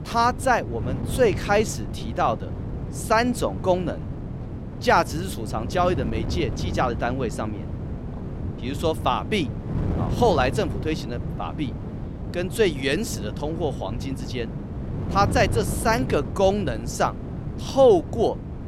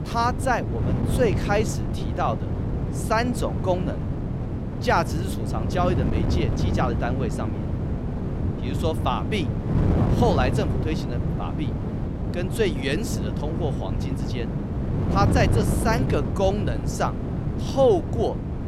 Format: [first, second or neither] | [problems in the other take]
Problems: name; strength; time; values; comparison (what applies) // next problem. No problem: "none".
first | wind noise on the microphone; heavy; 7 dB below the speech; occasional gusts in the first